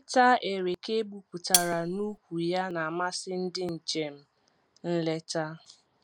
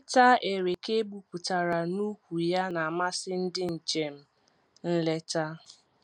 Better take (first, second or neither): second